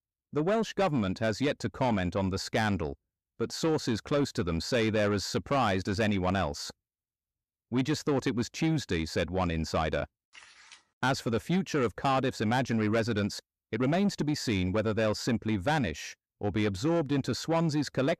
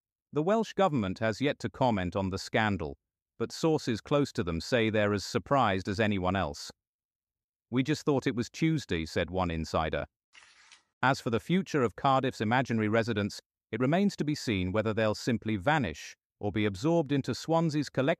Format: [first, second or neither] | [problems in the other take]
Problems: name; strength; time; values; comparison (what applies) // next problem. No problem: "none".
second | distortion; slight; 10 dB below the speech